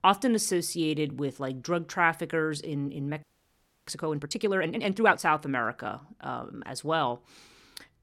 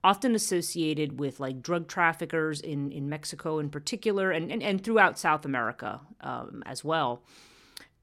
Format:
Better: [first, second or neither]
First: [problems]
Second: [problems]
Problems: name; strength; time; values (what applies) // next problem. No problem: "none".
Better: second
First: audio freezing; at 3 s for 0.5 s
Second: none